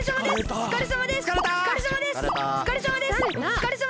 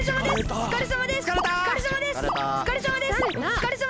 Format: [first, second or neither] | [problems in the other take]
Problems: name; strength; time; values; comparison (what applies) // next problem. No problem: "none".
first | background sound (Microwave oven); 13 dB below the speech